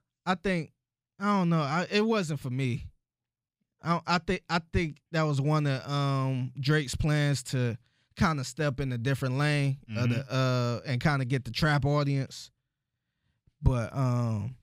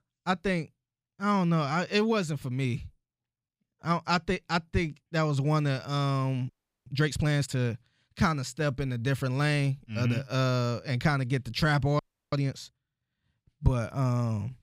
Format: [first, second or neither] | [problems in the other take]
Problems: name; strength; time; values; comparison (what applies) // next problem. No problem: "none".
first | audio freezing; at 6.5 s and at 12 s